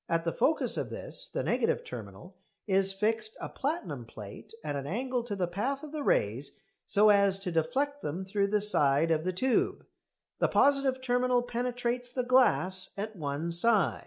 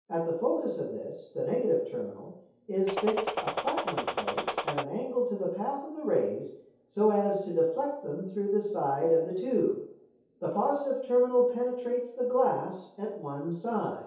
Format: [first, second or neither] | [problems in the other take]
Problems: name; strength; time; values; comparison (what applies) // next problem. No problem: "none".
first | background sound (Gunshot, gunfire); 3 dB below the speech // room echo; dies away in 0.7 s